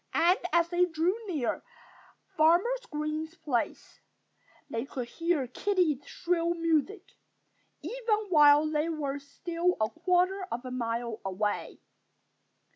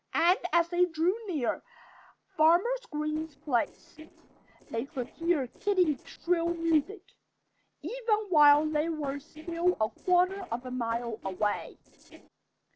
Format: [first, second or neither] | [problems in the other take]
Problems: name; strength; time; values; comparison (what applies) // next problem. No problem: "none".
first | noise reduction (neural separator model SepFormer DNS4)